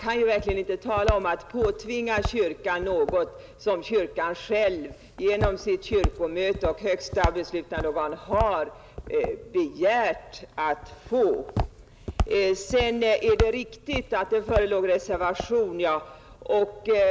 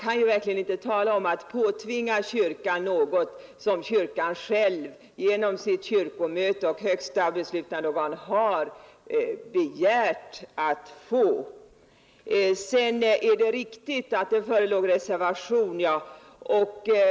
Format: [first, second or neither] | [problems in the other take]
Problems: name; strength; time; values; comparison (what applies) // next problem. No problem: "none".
second | background sound (Walk, footsteps); 9 dB below the speech